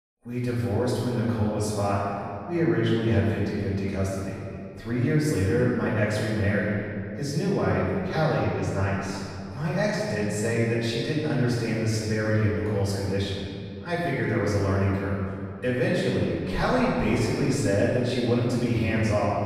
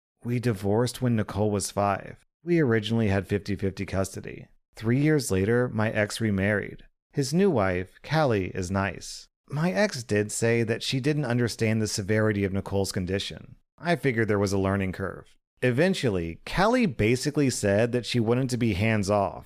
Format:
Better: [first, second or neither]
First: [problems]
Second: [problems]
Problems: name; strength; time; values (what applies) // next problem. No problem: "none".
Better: second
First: room echo; strong; dies away in 2.4 s // off-mic speech; far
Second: none